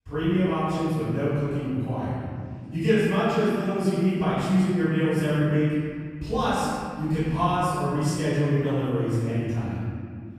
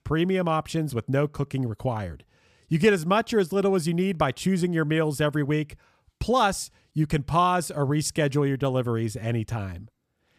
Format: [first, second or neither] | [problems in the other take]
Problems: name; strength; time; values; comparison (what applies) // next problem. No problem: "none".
second | off-mic speech; far // room echo; strong; dies away in 2.2 s